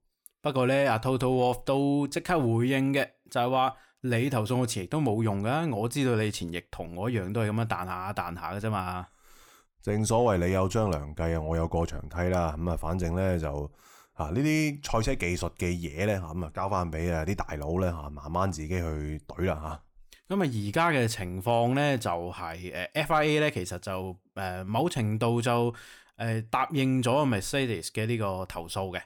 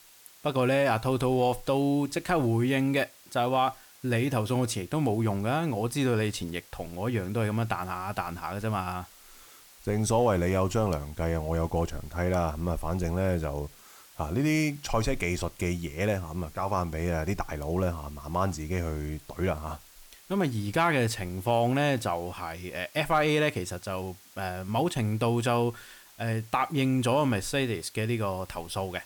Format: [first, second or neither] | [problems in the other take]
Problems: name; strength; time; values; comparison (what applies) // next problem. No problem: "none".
first | hiss; faint; throughout; 25 dB below the speech